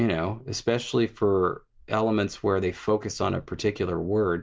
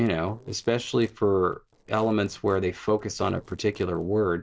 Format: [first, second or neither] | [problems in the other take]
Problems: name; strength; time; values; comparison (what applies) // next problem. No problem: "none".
first | noise reduction (neural separator model SepFormer DNS4)